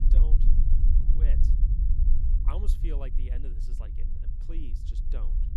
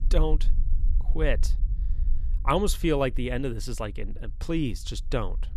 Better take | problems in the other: second | low rumble; loud; throughout; 1 dB below the speech; faint in the second

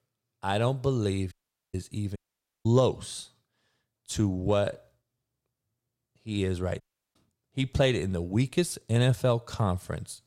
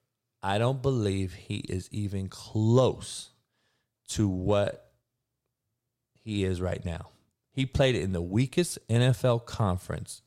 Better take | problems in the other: second | audio cutting out; at 1.5 s, at 2 s and at 7 s

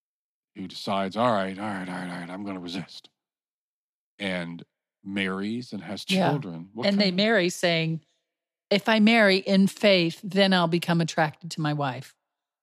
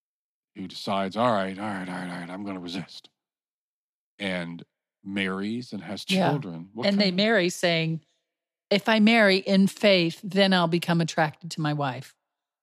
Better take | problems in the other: neither | none

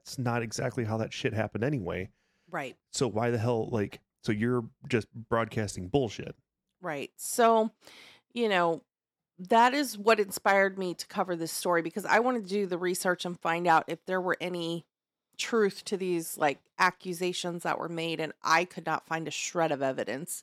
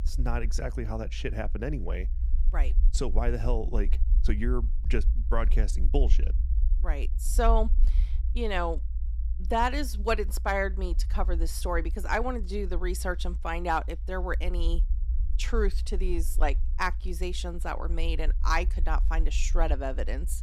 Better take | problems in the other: first | low rumble; faint; throughout; 20 dB below the speech

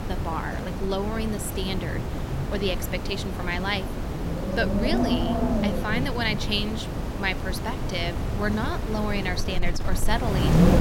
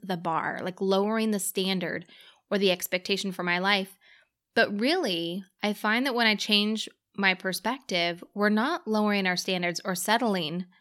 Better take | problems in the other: second | wind noise on the microphone; heavy; 3 dB below the speech

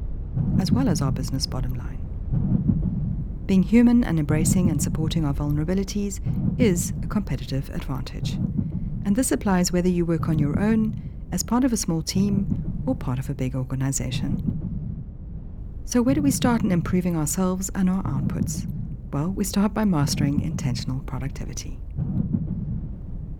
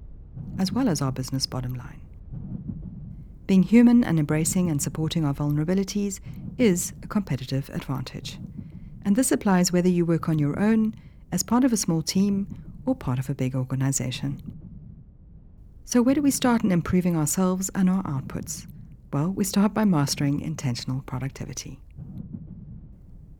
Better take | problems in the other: second | low rumble; loud; throughout; 9 dB below the speech; faint in the second

